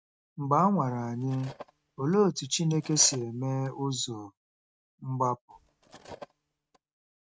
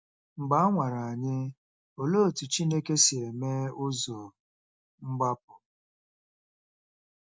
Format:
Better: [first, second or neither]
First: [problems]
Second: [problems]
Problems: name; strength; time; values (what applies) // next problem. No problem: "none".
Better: second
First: noise reduction (neural mask model RNNoise)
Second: none